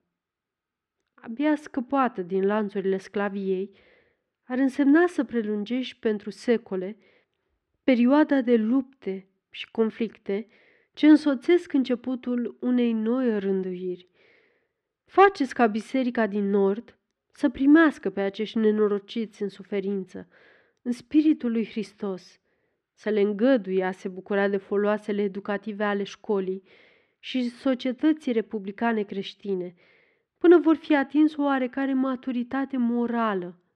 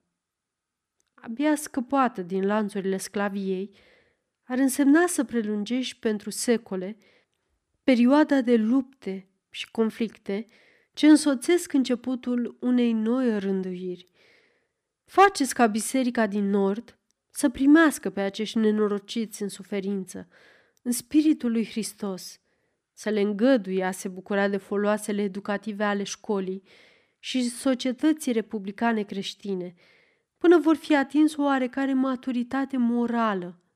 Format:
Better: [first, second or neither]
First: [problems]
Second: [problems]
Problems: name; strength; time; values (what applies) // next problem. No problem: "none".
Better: second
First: muffled; slightly; fading above 3 kHz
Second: none